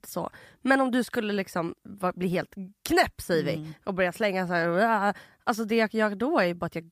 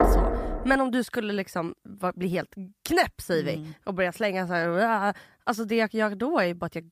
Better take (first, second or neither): first